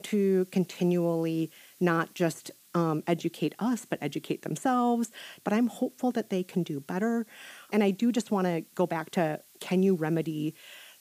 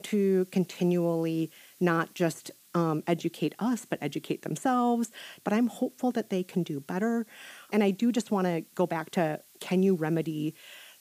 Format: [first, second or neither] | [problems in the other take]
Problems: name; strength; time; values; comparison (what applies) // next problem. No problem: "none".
neither | hiss; faint; throughout; 25 dB below the speech; the same in both